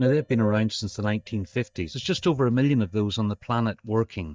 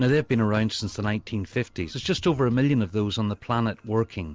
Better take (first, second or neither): second